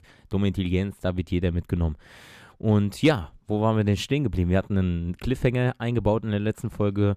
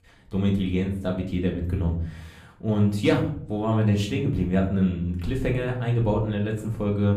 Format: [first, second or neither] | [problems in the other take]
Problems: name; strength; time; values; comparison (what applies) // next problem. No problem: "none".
first | room echo; slight; dies away in 0.5 s // off-mic speech; far